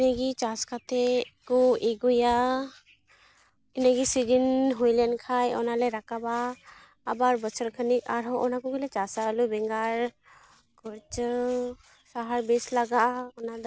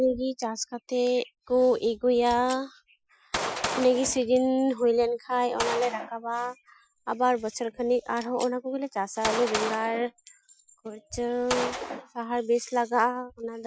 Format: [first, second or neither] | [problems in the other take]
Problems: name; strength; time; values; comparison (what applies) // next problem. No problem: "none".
first | noise reduction (classical method Wiener filter)